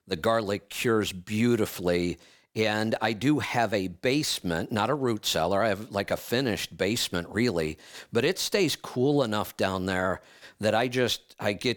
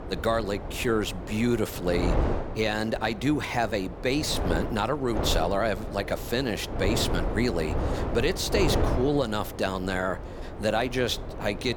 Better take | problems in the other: first | wind noise on the microphone; heavy; 7 dB below the speech

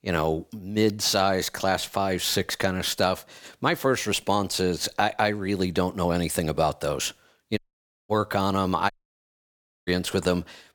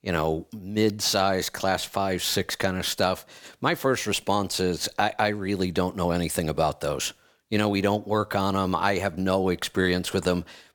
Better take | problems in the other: second | audio cutting out; at 7.5 s for 0.5 s and at 9 s for 1 s

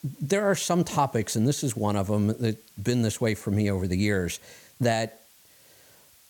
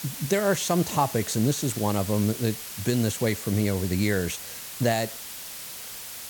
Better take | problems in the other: first | hiss; loud; throughout; 9 dB below the speech; faint in the first

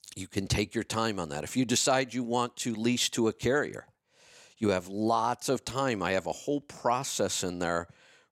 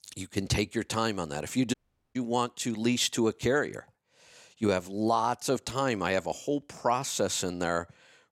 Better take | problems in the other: first | audio cutting out; at 1.5 s

